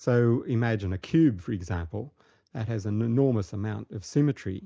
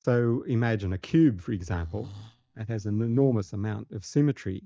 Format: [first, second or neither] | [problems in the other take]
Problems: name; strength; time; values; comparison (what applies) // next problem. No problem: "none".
first | noise reduction (neural mask model DeepFilterNet 3)